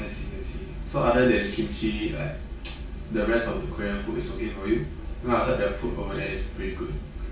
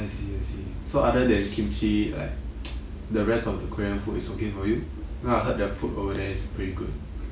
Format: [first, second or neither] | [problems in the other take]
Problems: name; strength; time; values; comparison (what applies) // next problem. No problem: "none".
second | room echo; dies away in 0.3 s